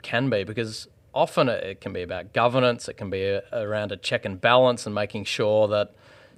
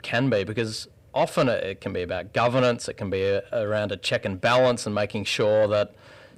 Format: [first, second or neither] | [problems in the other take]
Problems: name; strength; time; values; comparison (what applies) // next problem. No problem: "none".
first | distortion; slight; 10 dB below the speech